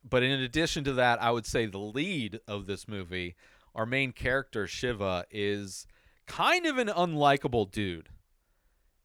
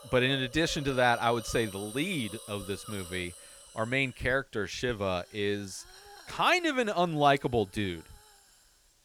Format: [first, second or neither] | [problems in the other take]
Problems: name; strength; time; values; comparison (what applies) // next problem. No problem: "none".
first | hiss; noticeable; throughout; 20 dB below the speech